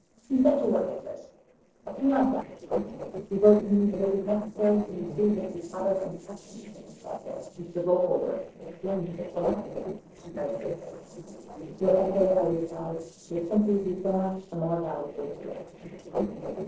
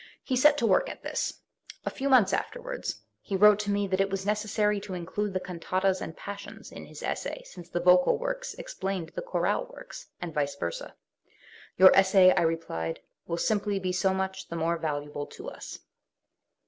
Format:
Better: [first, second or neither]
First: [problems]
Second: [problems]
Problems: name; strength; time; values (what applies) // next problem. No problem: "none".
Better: second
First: noise reduction (neural separator model SepFormer DNS4)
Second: none